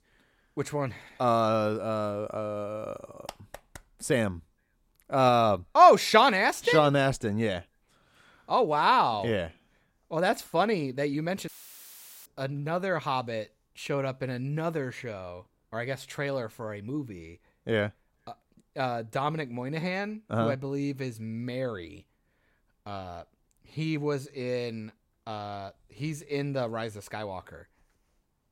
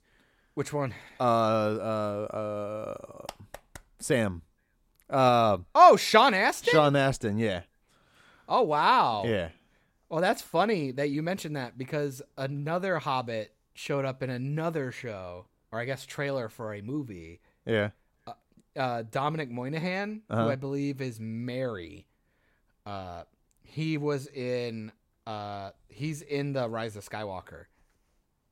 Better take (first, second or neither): second